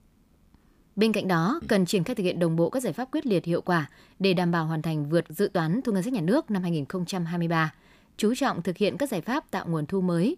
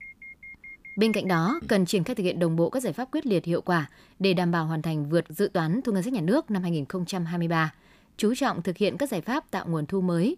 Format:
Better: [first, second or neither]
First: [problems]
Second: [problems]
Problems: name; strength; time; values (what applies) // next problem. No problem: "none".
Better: first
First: none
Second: alarm; faint; until 1.5 s; peak 15 dB below the speech